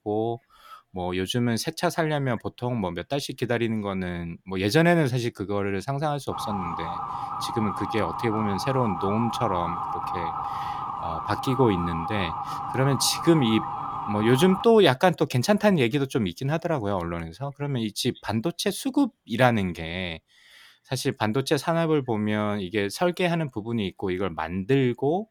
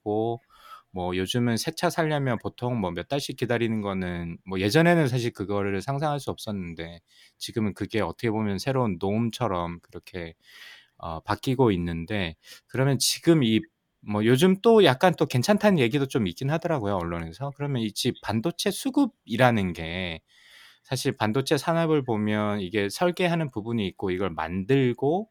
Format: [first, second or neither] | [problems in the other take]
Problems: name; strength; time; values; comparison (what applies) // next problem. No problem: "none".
second | siren; noticeable; from 6.5 to 15 s; peak 4 dB below the speech